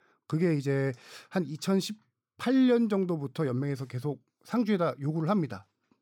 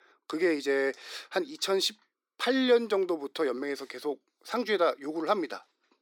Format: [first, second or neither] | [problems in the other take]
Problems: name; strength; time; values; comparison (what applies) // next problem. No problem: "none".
first | thin; somewhat; fading below 300 Hz